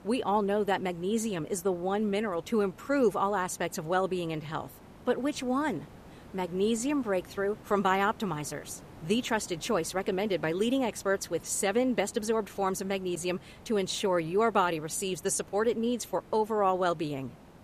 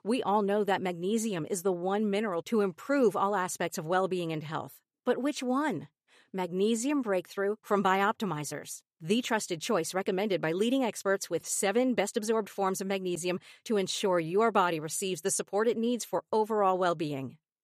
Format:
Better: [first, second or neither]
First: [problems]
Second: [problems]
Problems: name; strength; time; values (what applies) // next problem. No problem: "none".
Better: second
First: hiss; faint; throughout; 20 dB below the speech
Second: none